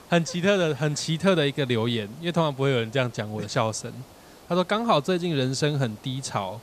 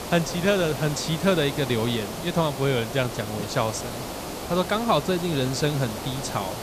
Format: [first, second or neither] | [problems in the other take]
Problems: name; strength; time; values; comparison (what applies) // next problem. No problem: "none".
first | hiss; loud; throughout; 8 dB below the speech; faint in the first